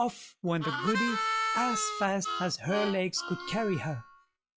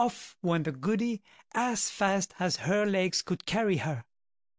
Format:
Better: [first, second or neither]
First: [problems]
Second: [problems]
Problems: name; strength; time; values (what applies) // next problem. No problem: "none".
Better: second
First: noise reduction (classical method log-MMSE)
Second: none